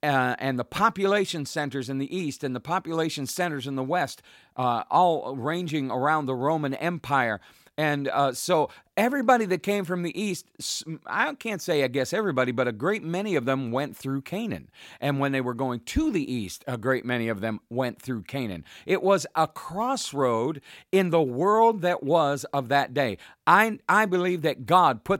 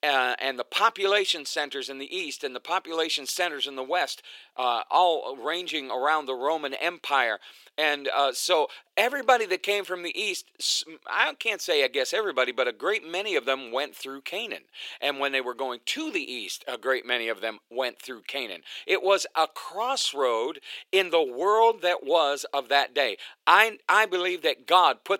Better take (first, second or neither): first